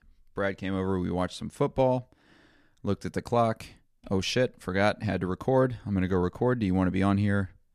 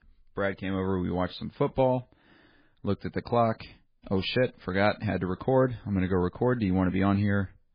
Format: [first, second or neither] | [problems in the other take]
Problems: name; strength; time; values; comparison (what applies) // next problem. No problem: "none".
first | garbled, watery; badly; nothing above 4.5 kHz